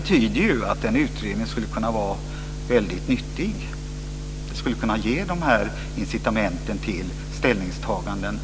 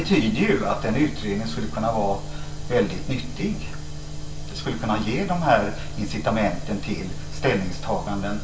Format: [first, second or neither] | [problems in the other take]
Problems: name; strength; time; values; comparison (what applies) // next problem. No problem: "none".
first | room echo; dies away in 0.3 s